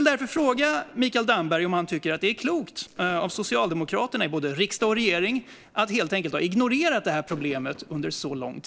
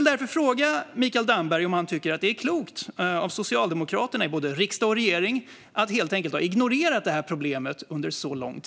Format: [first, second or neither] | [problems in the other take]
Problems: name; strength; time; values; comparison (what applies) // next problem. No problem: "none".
second | noise reduction (neural separator model SepFormer DNS4)